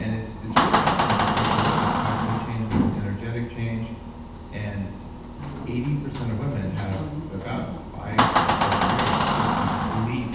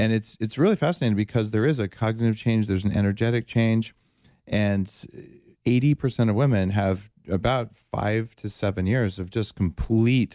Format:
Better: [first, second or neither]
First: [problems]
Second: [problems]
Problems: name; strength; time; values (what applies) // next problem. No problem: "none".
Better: second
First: background sound (Door); 4 dB above the speech // room echo; dies away in 0.9 s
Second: none